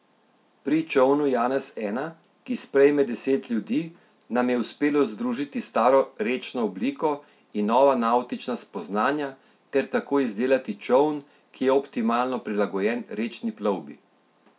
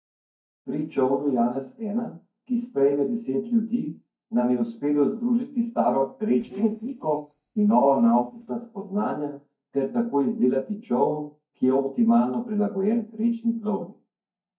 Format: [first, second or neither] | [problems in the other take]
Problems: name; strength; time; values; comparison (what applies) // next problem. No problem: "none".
first | noise reduction (neural mask model DeepFilterNet 3)